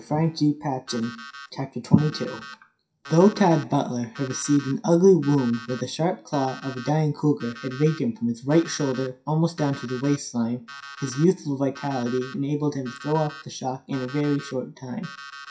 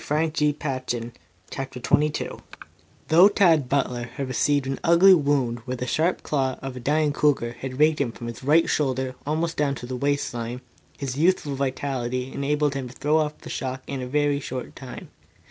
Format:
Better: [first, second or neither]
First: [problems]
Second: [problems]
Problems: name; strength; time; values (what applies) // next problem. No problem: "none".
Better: second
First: noise reduction (classical method WPE with log-MMSE)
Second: none